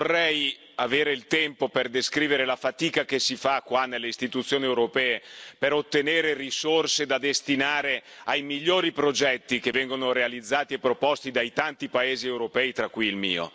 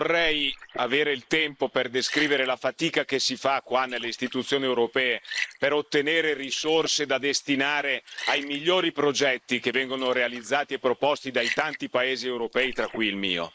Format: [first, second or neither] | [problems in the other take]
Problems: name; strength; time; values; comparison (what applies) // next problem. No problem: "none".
first | noise reduction (neural mask model Resemble Enhance denoiser)